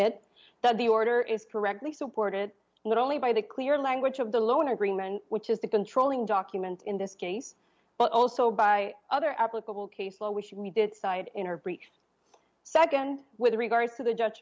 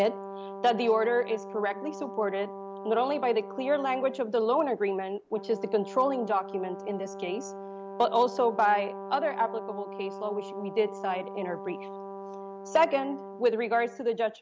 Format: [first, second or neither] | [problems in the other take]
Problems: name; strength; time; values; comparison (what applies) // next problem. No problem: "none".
first | background sound (Brass instrument); 12 dB below the speech